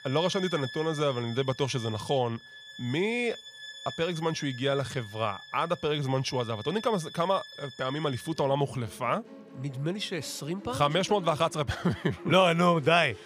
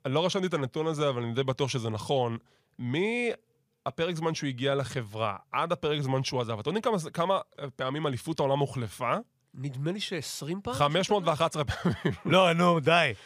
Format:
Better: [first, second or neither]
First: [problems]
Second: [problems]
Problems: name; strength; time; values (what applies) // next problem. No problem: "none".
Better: second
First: background music; noticeable; throughout; 15 dB below the speech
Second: none